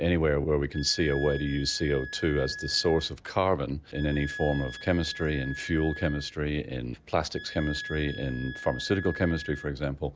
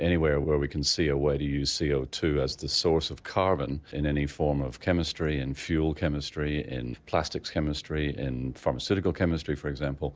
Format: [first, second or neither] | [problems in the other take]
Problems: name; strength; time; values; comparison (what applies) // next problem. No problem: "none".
second | background sound (Wind instrument, woodwind instrument); 13 dB below the speech